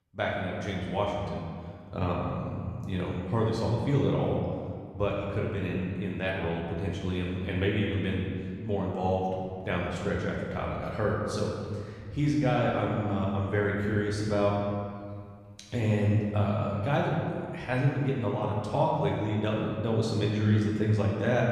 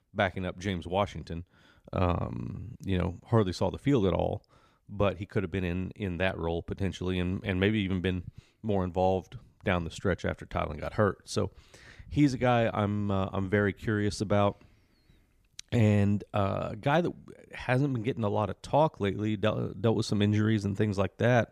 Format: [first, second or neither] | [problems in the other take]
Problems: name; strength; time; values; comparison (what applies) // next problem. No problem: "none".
second | room echo; noticeable; dies away in 1.8 s // off-mic speech; far